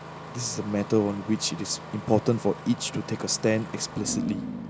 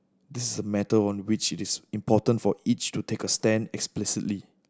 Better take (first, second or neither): second